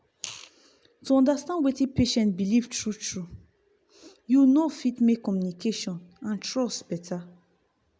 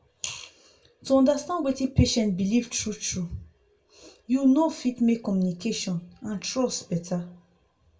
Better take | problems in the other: first | room echo; dies away in 0.2 s

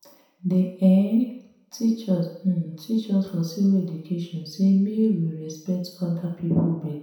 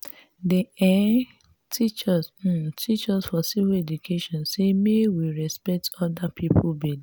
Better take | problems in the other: second | room echo; dies away in 0.7 s

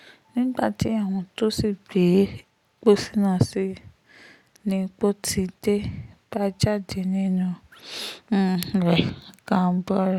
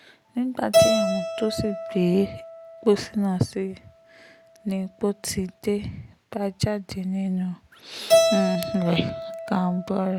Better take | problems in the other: first | background sound (Keyboard (musical)); 2 dB below the speech

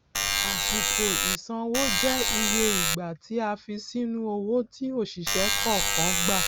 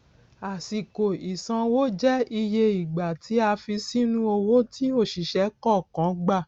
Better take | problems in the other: second | background sound (Alarm); 4 dB above the speech

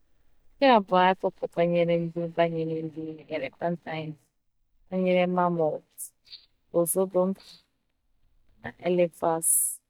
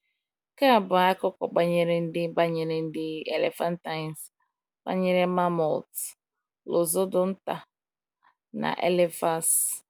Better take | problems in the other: second | noise reduction (neural mask model DeepFilterNet 3)

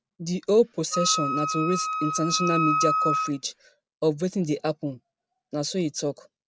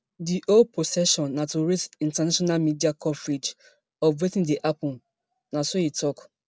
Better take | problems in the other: second | background sound (Wind instrument, woodwind instrument); as loud as the speech

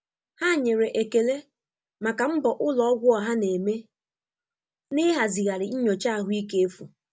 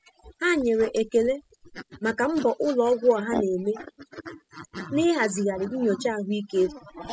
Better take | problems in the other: first | noise reduction (classical method spectral subtraction)

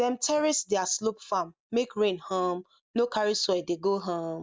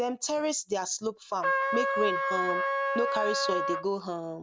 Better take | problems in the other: first | background sound (Trumpet); 2 dB above the speech

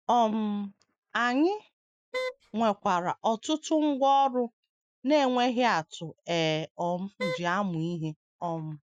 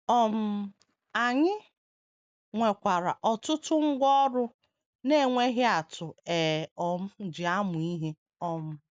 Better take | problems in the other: second | noise reduction (classical method Wiener filter)

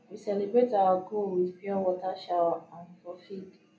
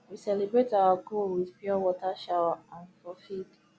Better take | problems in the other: second | room echo; dies away in 0.3 s

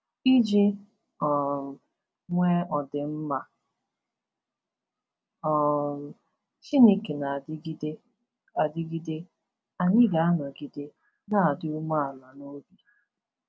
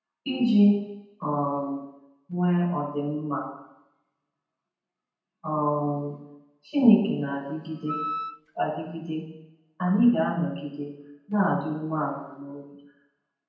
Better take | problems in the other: first | background sound (Wind instrument, woodwind instrument); 9 dB below the speech // room echo; dies away in 0.9 s

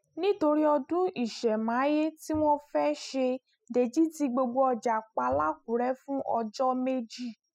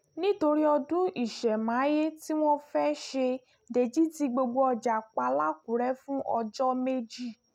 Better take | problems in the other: second | noise reduction (classical method spectral subtraction)

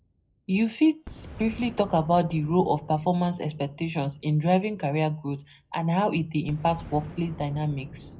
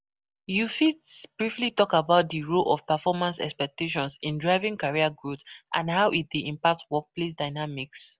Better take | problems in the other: second | background sound (Boom); 19 dB below the speech // room echo; dies away in 0.4 s

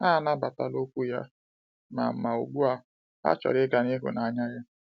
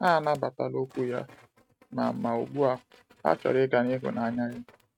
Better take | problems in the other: first | noise reduction (neural mask model RNNoise)

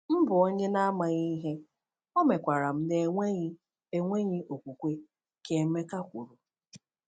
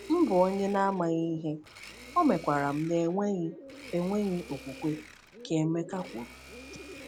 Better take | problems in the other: first | background sound (Domestic sounds, home sounds + Bird); 17 dB below the speech

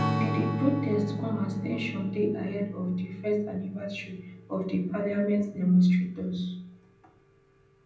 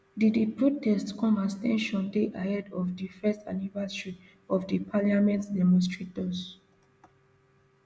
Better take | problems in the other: second | background sound (Strum); 7 dB below the speech // room echo; dies away in 0.6 s

